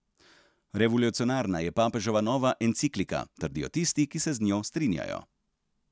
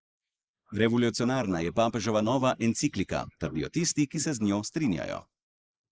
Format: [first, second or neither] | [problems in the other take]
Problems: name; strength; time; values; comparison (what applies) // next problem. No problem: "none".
first | noise reduction (neural mask model Resemble Enhance denoiser)